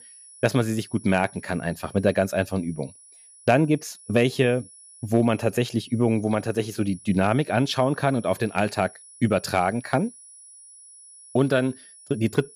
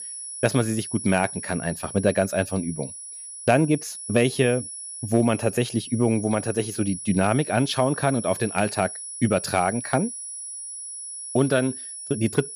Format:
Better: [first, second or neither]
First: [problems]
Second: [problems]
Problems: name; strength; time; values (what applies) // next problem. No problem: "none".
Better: first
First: high-pitched whine; faint; throughout; 10 kHz, 20 dB below the speech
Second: high-pitched whine; loud; throughout; 10 kHz, 9 dB below the speech